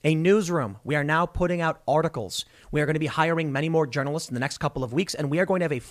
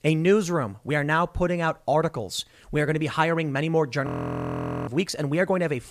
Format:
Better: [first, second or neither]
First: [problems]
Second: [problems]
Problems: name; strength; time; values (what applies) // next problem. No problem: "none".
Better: first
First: none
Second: audio freezing; at 4 s for 1 s